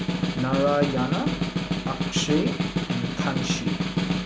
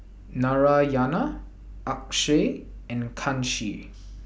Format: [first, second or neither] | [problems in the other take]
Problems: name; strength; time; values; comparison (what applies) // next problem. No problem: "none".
second | background sound (Snare drum); 2 dB above the speech